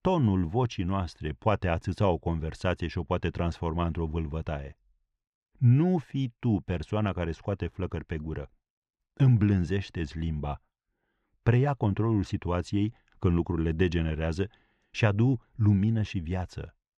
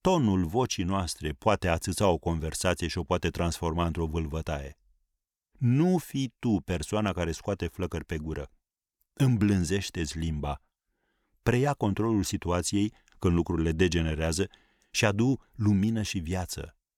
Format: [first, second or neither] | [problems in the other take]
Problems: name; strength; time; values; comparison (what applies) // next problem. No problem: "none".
second | muffled; slightly; fading above 3 kHz